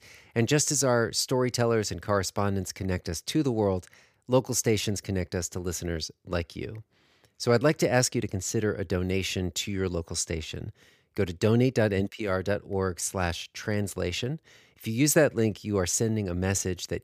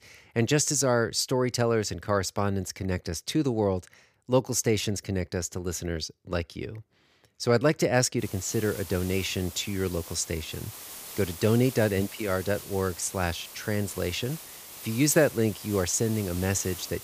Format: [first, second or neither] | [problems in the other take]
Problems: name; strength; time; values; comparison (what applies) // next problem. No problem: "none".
first | hiss; noticeable; from 8 s on; 15 dB below the speech